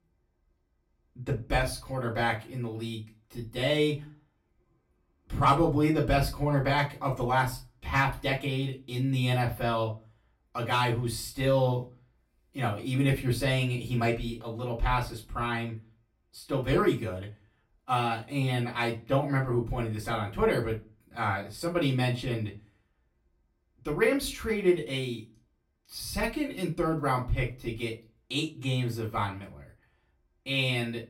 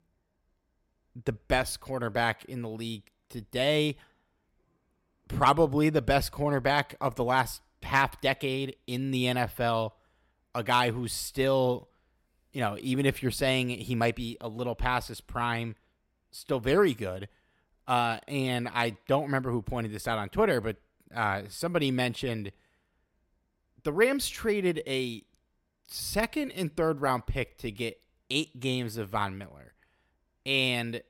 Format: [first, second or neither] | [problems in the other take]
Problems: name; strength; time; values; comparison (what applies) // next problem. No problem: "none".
second | off-mic speech; far // room echo; very slight; dies away in 0.2 s